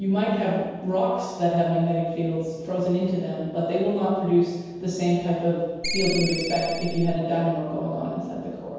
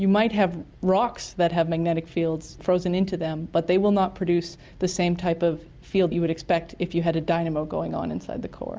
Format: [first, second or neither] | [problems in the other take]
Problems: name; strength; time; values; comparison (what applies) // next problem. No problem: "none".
second | background sound (Ringtone); 5 dB below the speech // room echo; dies away in 1.2 s